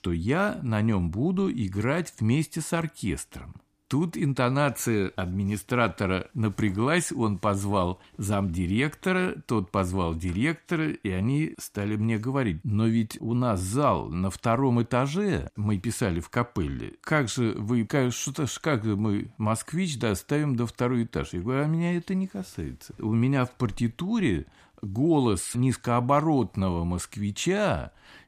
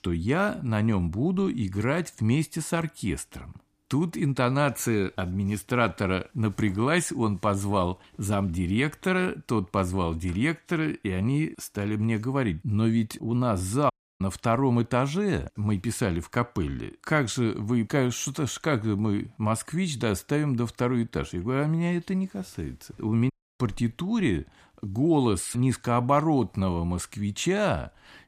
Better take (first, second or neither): first